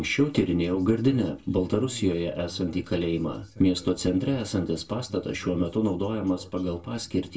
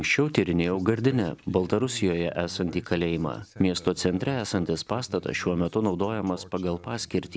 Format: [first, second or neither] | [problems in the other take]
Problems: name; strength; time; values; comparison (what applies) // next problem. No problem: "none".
second | room echo; dies away in 0.2 s